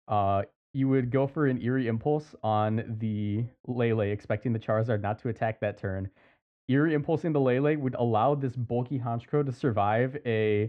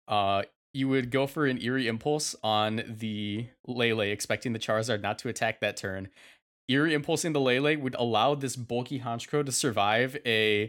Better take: second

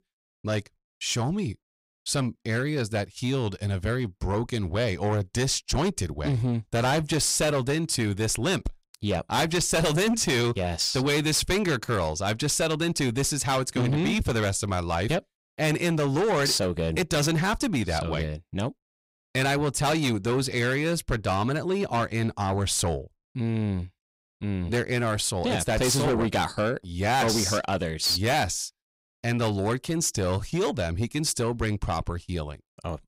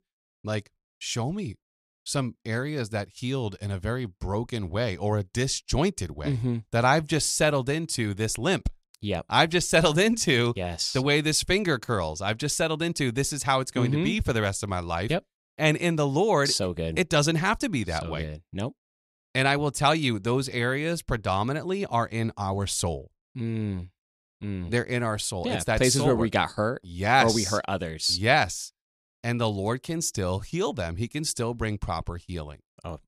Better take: second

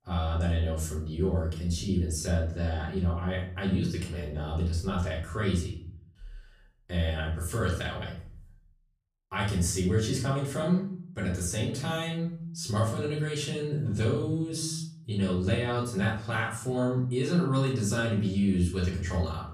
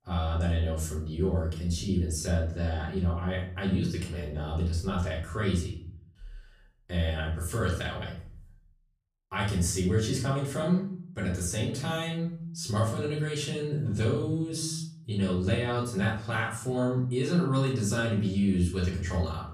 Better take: neither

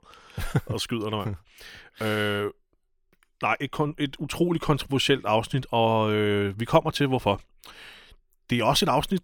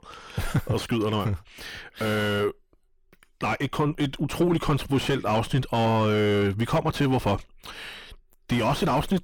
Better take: first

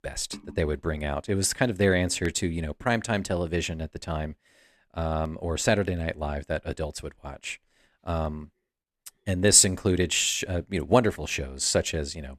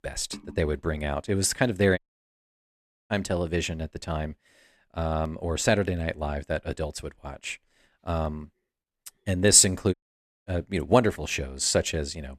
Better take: first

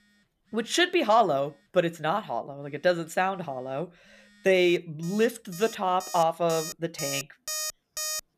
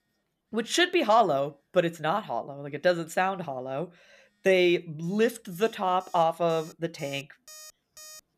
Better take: second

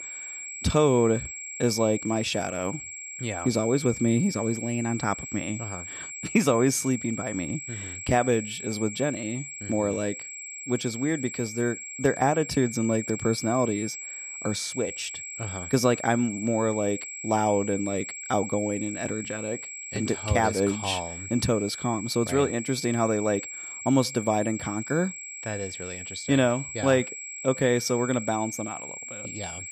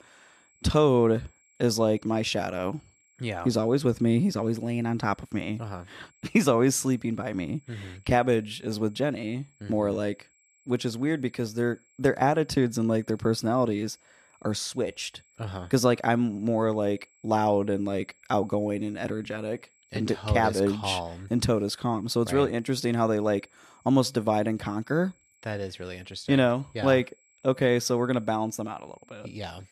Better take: second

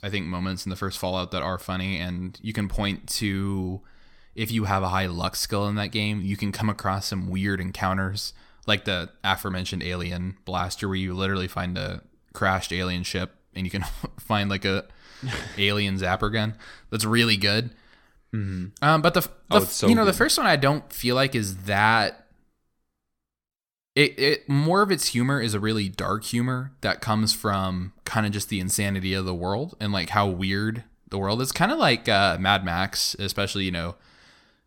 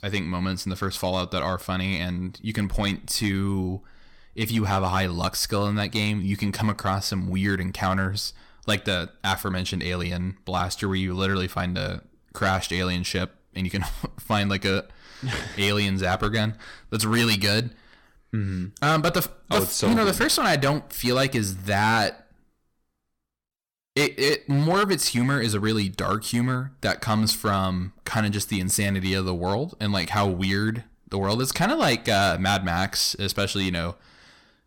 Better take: first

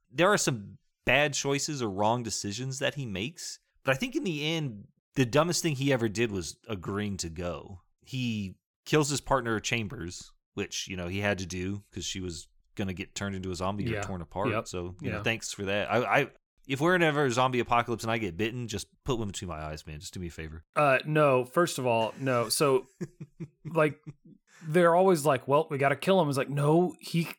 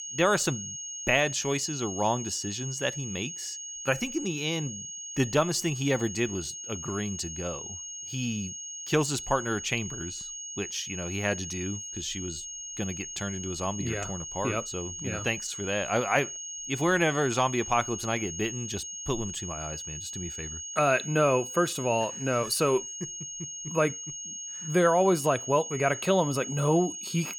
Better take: first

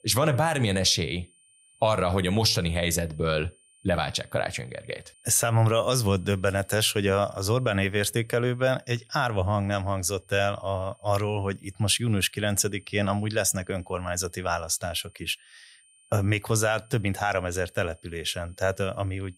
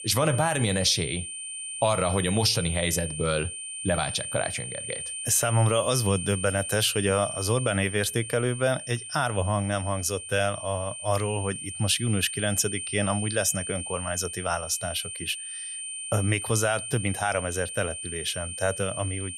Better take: first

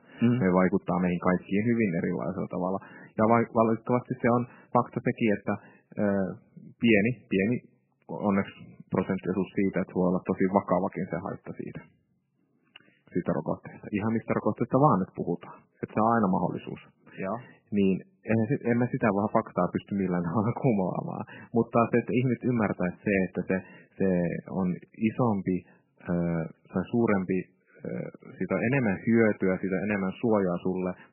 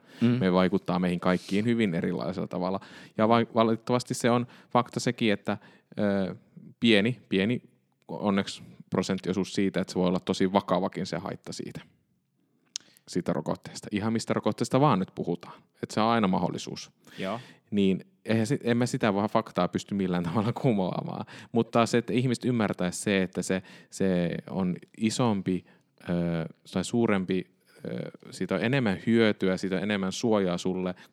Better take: second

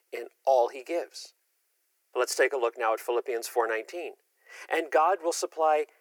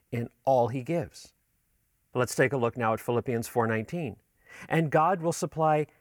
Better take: second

